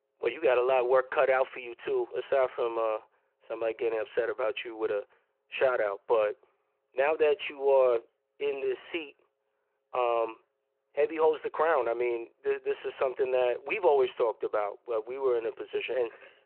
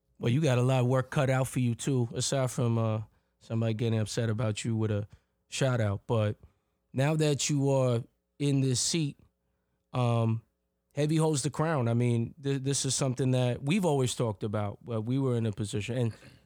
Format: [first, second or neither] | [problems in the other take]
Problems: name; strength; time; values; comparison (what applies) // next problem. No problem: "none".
second | phone-call audio